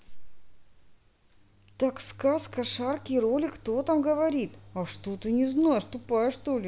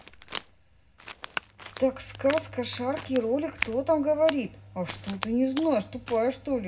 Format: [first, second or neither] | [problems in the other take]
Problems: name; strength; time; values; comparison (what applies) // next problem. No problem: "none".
first | background sound (Crack); 13 dB below the speech // room echo; dies away in 0.4 s